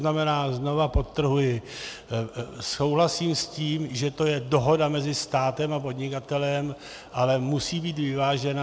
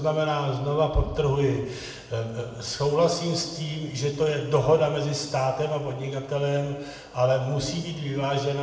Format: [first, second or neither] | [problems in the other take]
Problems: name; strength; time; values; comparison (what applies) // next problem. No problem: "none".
first | room echo; dies away in 1.1 s